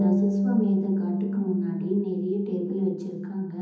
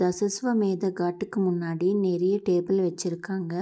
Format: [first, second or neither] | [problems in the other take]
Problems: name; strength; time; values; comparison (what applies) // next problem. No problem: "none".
second | background sound (Bass guitar); 2 dB above the speech // room echo; dies away in 1.3 s